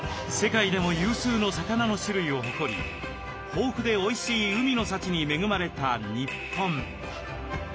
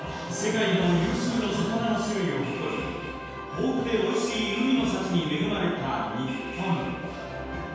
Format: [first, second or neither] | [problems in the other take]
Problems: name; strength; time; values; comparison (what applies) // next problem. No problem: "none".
first | background sound (Wind instrument, woodwind instrument); 17 dB below the speech // room echo; dies away in 1.2 s